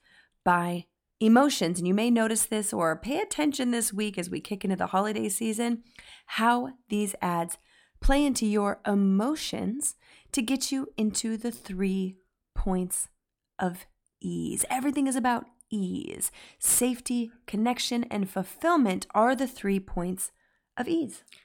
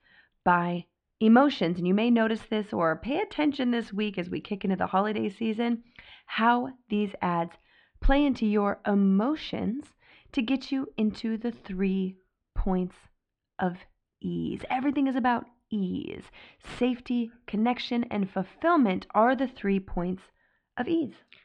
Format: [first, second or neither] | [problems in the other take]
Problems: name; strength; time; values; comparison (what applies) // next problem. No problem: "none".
first | muffled; slightly; fading above 3.5 kHz